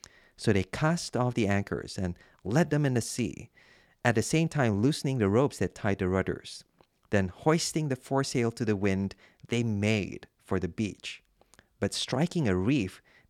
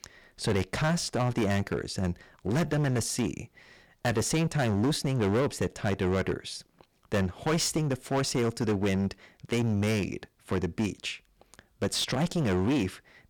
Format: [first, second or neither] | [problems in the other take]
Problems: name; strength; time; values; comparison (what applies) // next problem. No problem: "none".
first | distortion; heavy; 15% of the sound clipped